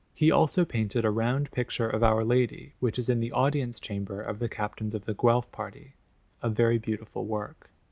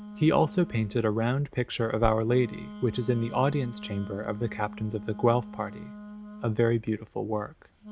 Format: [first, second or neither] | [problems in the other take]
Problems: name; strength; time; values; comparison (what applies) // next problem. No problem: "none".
first | background sound (Wind instrument, woodwind instrument); 15 dB below the speech